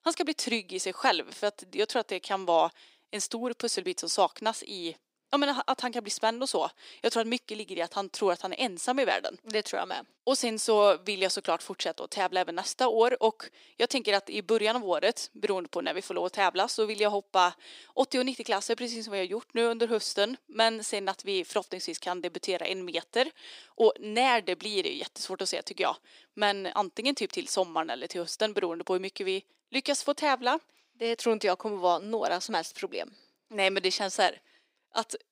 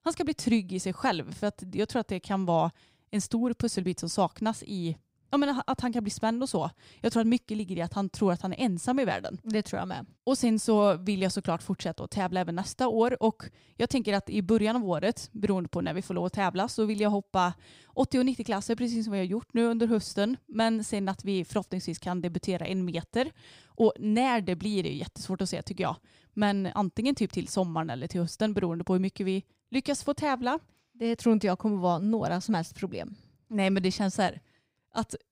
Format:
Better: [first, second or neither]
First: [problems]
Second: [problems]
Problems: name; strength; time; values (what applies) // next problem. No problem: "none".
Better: second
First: thin; somewhat; fading below 350 Hz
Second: none